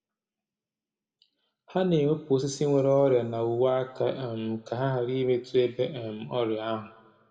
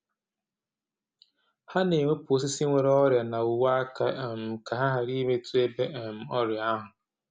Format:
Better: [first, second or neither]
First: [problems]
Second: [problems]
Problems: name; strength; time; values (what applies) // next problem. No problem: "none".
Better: second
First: room echo; dies away in 1 s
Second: none